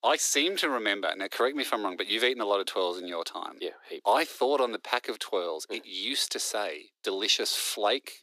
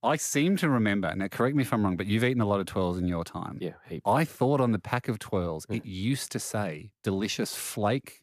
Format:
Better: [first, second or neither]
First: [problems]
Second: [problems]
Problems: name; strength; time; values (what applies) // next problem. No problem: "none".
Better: second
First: thin; very; fading below 350 Hz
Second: none